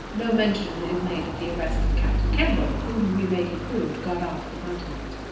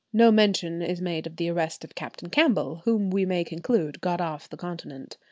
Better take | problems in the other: second | background sound (Stream); as loud as the speech // room echo; dies away in 0.9 s

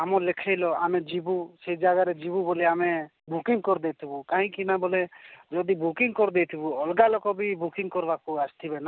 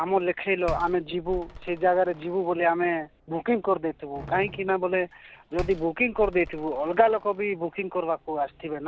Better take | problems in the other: first | background sound (Slam); 17 dB below the speech

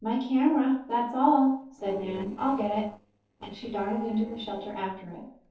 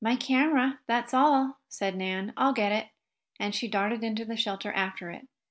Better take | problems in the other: second | noise reduction (neural separator model SepFormer DNS4)

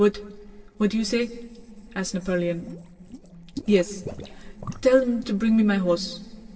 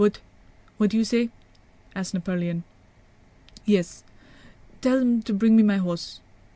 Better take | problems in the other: second | noise reduction (neural separator model SepFormer DNS4)

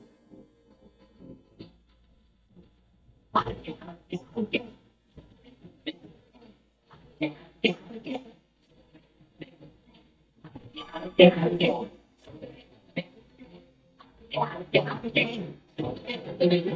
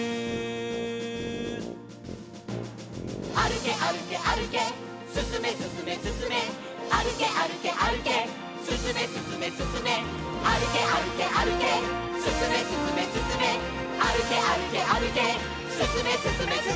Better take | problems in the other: second | noise reduction (neural mask model DeepFilterNet 3)

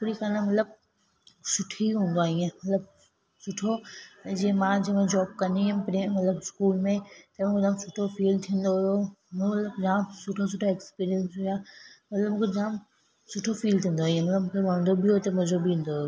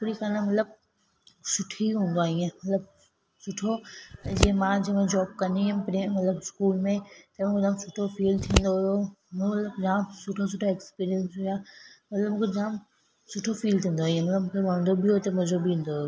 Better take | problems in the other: first | background sound (Scissors); 2 dB below the speech

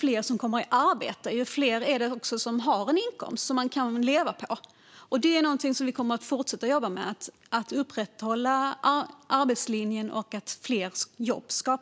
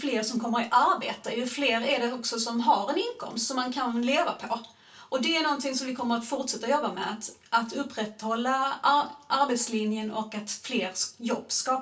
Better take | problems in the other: first | room echo; dies away in 0.2 s

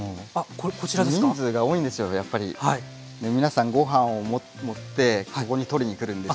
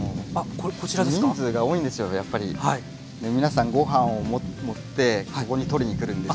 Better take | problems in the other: first | background sound (Rain / Thunderstorm); 8 dB below the speech

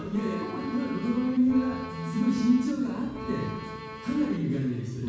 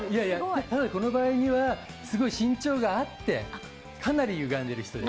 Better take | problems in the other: second | background sound (Bowed string instrument); 12 dB below the speech // room echo; dies away in 1.2 s

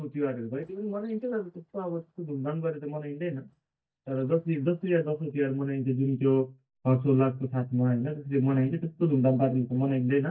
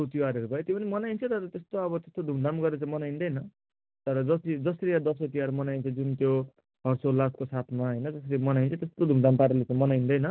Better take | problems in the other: second | noise reduction (neural mask model DeepFilterNet 3)

